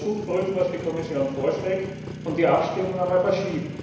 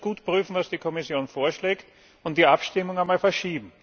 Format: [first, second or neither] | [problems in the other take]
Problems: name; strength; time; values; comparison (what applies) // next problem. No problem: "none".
second | background sound (Motorcycle); 10 dB below the speech // room echo; dies away in 1 s